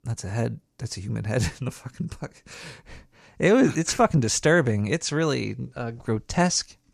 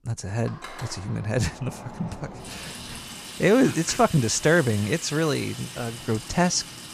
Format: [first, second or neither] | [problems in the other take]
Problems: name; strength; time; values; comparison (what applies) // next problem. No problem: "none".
first | household noises; noticeable; throughout; 15 dB below the speech